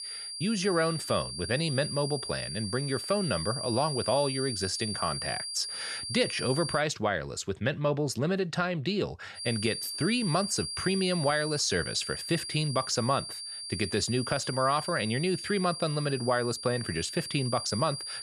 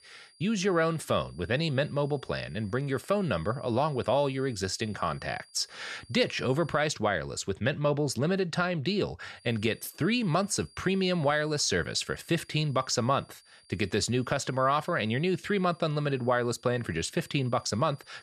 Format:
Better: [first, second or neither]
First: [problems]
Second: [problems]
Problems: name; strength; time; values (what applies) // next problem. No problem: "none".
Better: second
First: high-pitched whine; loud; until 7 s and from 9.5 s on; 4.5 kHz, 5 dB below the speech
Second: high-pitched whine; faint; until 7 s and from 9.5 s on; 4.5 kHz, 25 dB below the speech